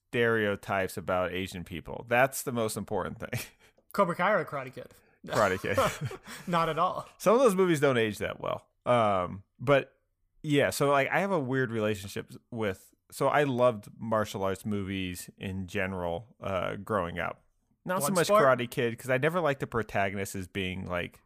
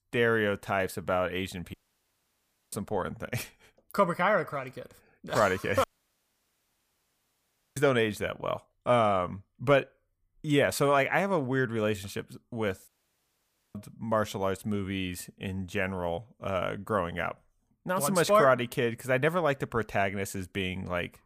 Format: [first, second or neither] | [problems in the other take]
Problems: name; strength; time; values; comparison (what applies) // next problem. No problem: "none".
first | audio cutting out; at 1.5 s for 1 s, at 6 s for 2 s and at 13 s for 1 s